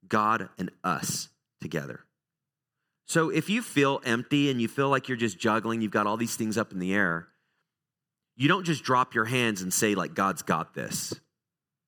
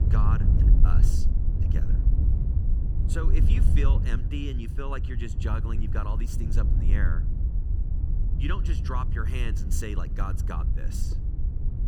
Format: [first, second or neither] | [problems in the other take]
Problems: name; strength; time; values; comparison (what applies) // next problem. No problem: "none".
first | wind noise on the microphone; heavy; 5 dB below the speech